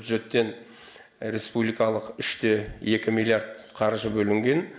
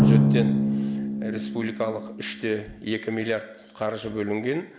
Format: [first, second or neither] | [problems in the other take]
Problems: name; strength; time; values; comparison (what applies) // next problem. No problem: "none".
first | background sound (Drum); 4 dB above the speech